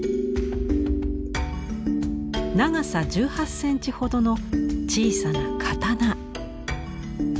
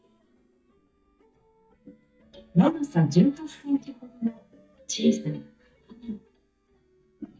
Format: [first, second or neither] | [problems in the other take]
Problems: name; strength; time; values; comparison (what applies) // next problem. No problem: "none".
first | noise reduction (neural mask model DeepFilterNet 3)